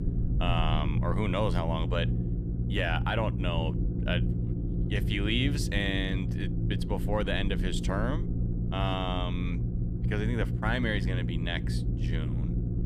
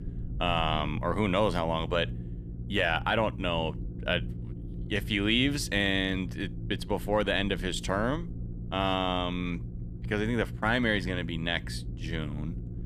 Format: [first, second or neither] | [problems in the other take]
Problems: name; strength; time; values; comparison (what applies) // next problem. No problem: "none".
second | low rumble; loud; throughout; 9 dB below the speech; faint in the second